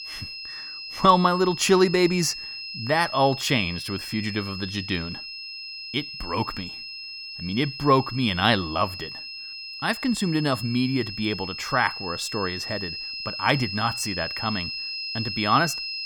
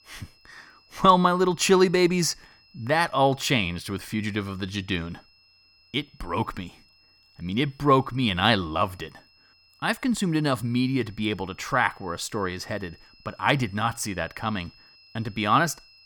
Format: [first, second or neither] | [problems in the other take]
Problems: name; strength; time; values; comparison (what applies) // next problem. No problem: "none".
second | high-pitched whine; loud; throughout; 5 kHz, 8 dB below the speech; faint in the second